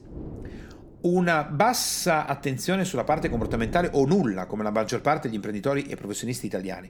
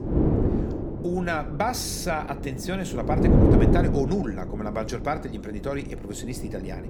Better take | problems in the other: first | wind noise on the microphone; heavy; 1 dB below the speech; occasional gusts in the first

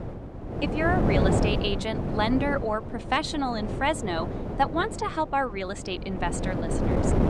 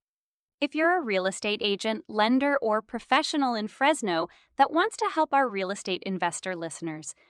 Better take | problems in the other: second | wind noise on the microphone; heavy; 5 dB below the speech

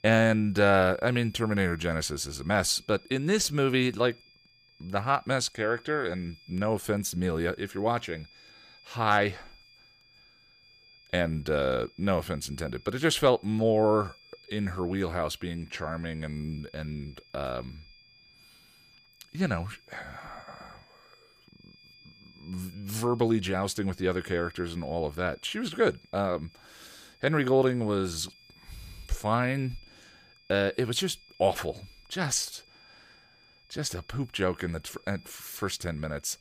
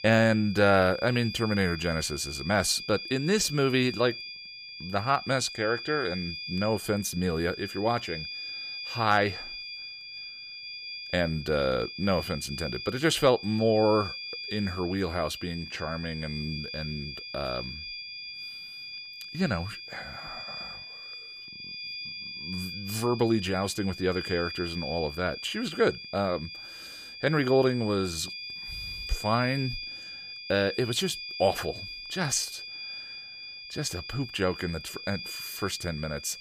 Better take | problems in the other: first | high-pitched whine; loud; throughout; 5 kHz, 9 dB below the speech; faint in the first

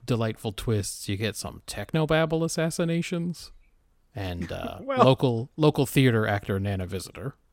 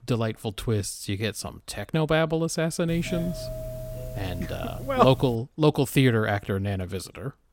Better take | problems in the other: first | doorbell; noticeable; from 3 to 5.5 s; peak 9 dB below the speech

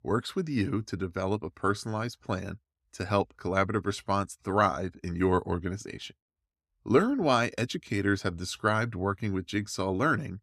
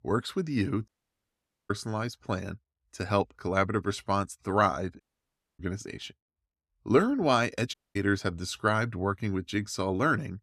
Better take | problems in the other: first | audio cutting out; at 1 s for 1 s, at 5 s for 0.5 s and at 7.5 s

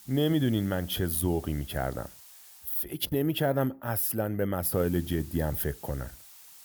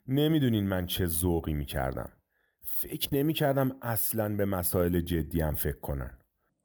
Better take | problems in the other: second | hiss; noticeable; until 2.5 s and from 4.5 s on; 20 dB below the speech

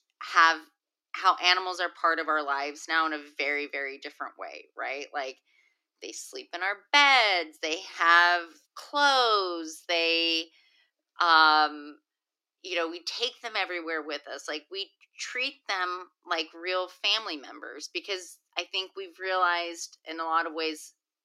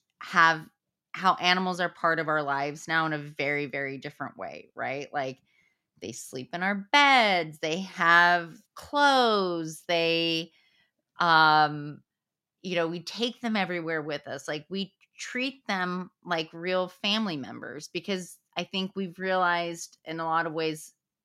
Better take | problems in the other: second | thin; somewhat; fading below 300 Hz

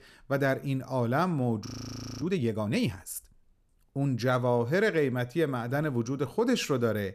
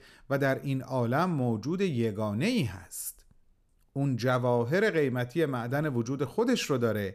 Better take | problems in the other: second | audio freezing; at 1.5 s for 0.5 s

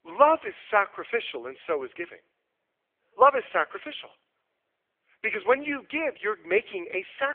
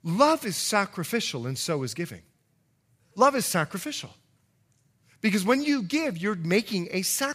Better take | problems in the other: second | phone-call audio; poor line; nothing above 3.5 kHz

